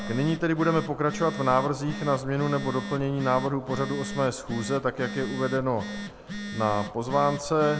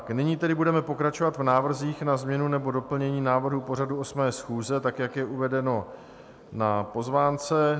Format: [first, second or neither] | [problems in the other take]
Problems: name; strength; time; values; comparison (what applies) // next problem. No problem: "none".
second | background sound (Telephone); 10 dB below the speech